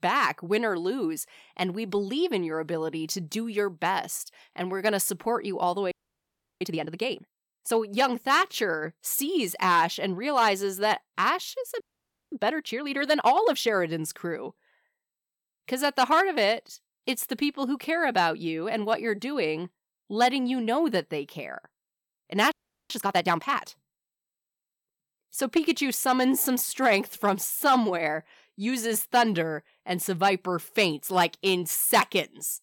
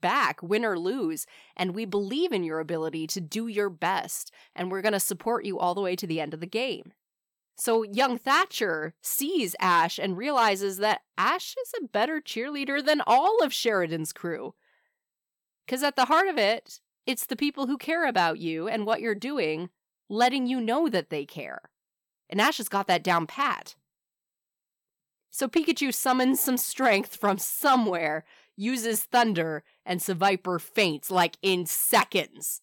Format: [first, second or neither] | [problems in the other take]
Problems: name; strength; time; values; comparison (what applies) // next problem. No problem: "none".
second | audio freezing; at 6 s for 0.5 s, at 12 s for 0.5 s and at 23 s